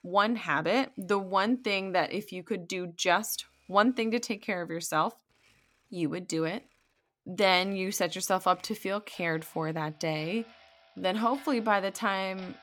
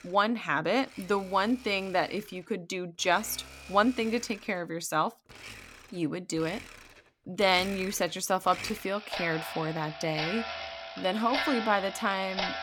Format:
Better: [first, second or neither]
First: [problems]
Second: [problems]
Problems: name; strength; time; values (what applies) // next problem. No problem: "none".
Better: first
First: household noises; faint; throughout; 30 dB below the speech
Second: household noises; loud; throughout; 9 dB below the speech